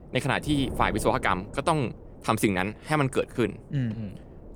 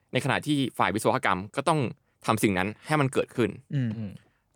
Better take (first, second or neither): second